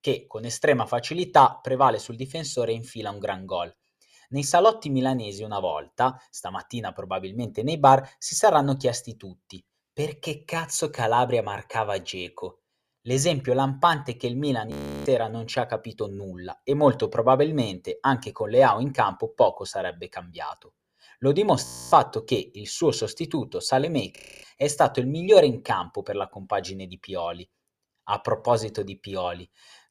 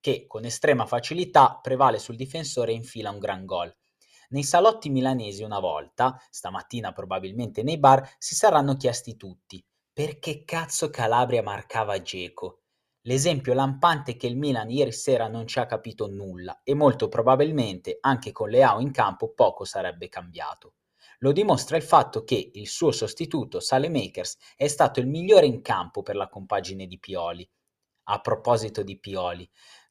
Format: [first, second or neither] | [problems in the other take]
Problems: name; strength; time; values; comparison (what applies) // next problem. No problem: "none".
second | audio freezing; at 15 s, at 22 s and at 24 s